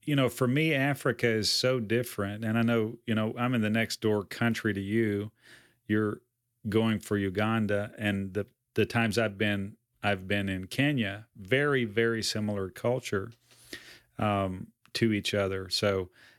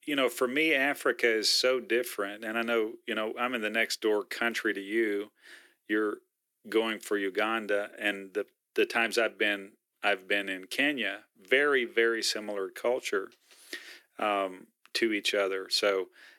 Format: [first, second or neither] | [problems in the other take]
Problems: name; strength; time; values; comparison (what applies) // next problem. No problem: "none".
first | thin; somewhat; fading below 350 Hz